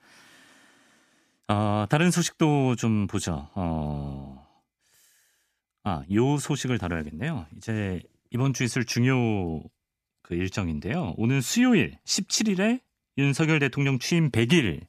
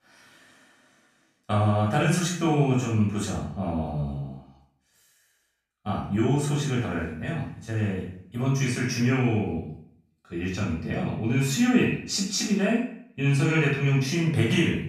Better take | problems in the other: first | room echo; noticeable; dies away in 0.5 s // off-mic speech; far

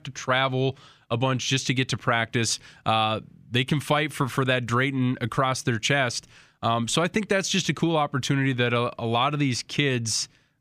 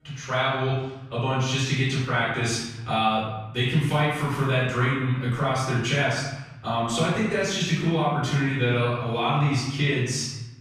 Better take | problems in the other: first | off-mic speech; far // room echo; strong; dies away in 1 s

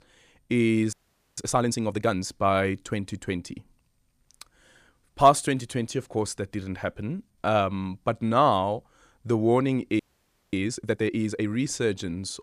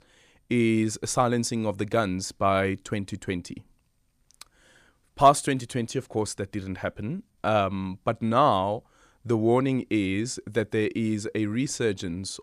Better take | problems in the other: second | audio freezing; at 1 s and at 10 s for 0.5 s

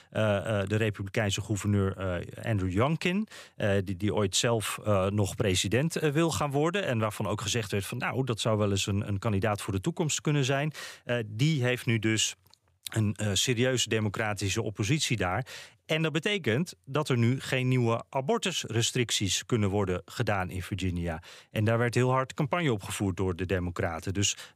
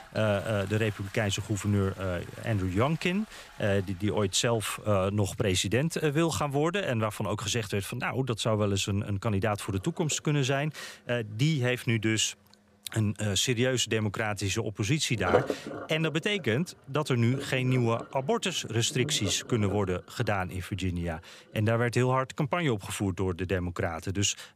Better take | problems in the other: first | household noises; noticeable; throughout; 10 dB below the speech

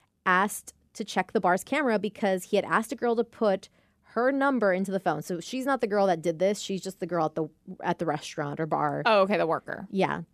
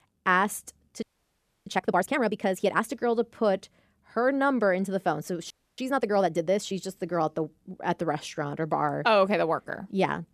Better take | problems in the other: first | audio freezing; at 1 s for 0.5 s and at 5.5 s

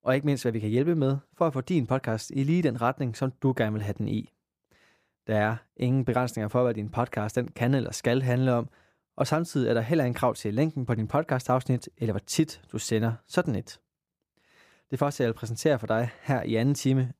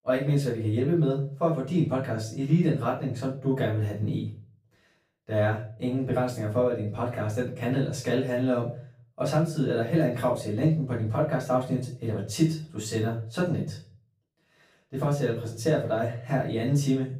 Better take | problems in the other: first | off-mic speech; far // room echo; slight; dies away in 0.4 s

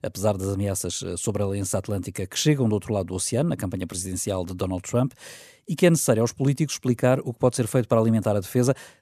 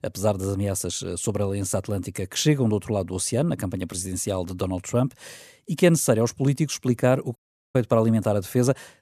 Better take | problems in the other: first | audio cutting out; at 7.5 s

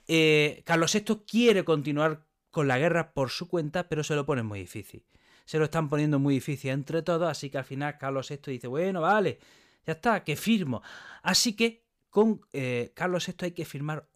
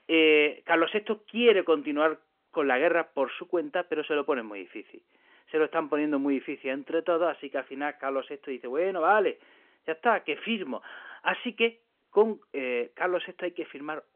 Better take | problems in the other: first | phone-call audio; nothing above 3 kHz

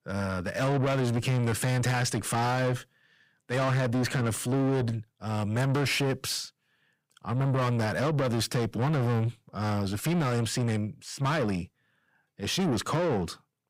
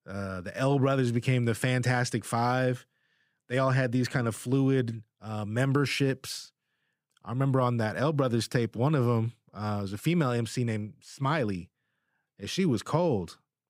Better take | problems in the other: second | distortion; heavy; 7 dB below the speech

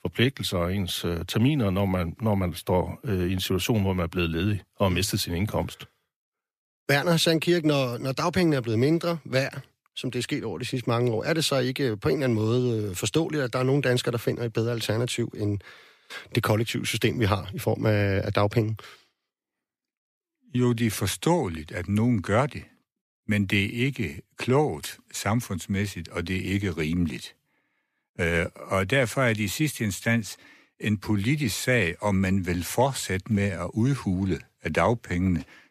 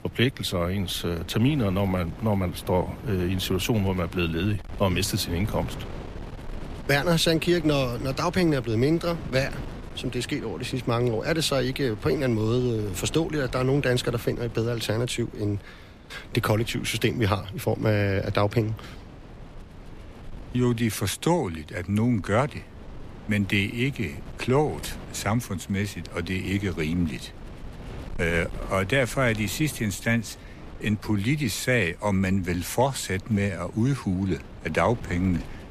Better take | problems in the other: first | wind noise on the microphone; occasional gusts; 20 dB below the speech

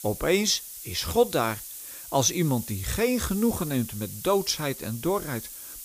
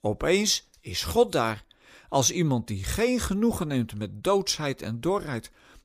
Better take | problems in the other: second | hiss; noticeable; throughout; 10 dB below the speech

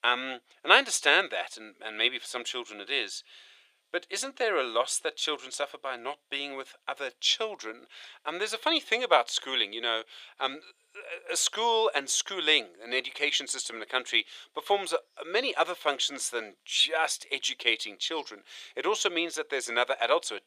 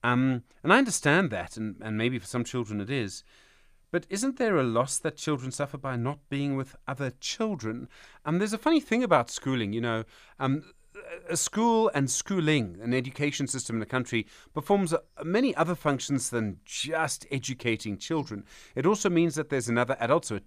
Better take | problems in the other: second | thin; very; fading below 450 Hz

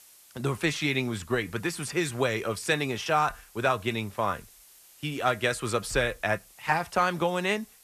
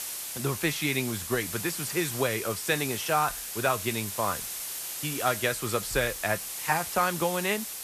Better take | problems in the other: first | hiss; loud; throughout; 4 dB below the speech; faint in the first

